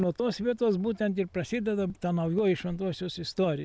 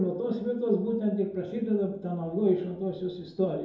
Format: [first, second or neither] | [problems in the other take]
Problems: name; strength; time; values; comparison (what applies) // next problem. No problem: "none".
first | room echo; dies away in 2.6 s